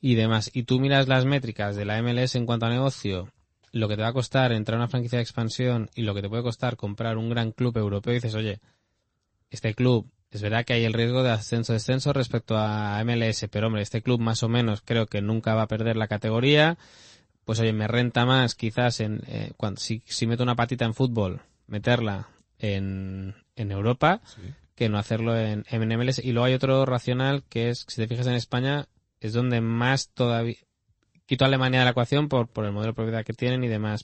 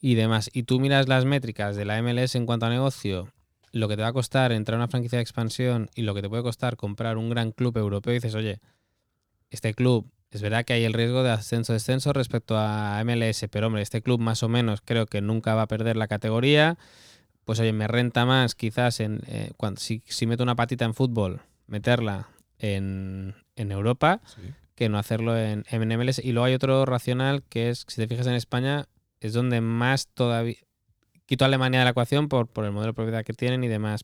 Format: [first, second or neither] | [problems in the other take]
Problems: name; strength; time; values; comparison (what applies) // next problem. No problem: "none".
second | garbled, watery; slightly; nothing above 8 kHz